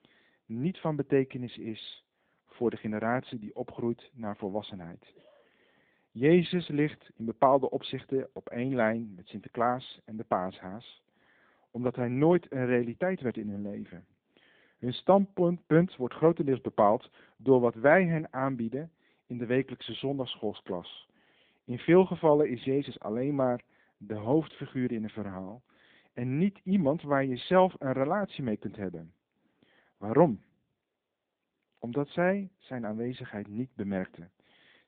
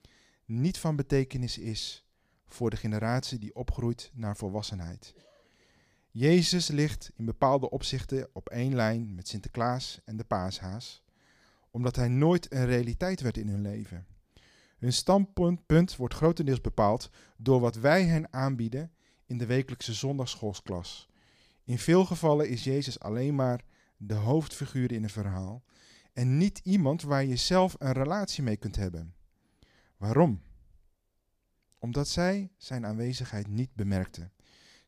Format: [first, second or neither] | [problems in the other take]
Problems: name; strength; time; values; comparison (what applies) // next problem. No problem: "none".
second | phone-call audio; nothing above 4 kHz